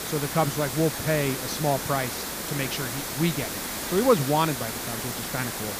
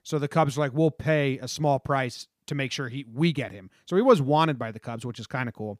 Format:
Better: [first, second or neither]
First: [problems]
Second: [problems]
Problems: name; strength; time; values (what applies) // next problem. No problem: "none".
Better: second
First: hiss; loud; throughout; 3 dB below the speech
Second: none